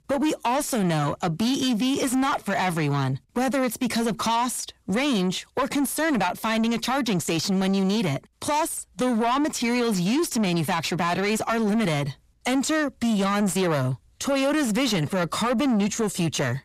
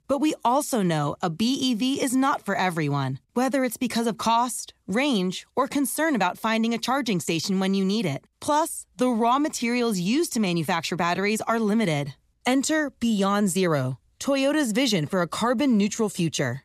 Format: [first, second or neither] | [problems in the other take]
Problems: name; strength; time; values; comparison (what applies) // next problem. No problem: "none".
second | distortion; slight; 10 dB below the speech